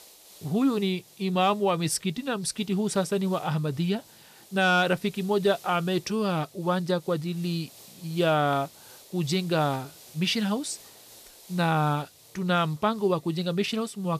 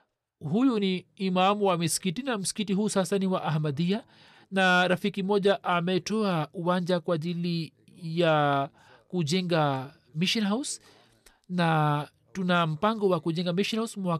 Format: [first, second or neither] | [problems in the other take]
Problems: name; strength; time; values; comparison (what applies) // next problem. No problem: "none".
second | hiss; faint; throughout; 25 dB below the speech